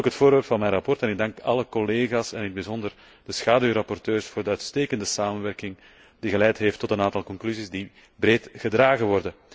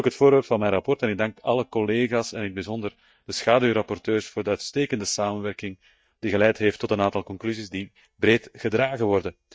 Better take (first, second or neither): first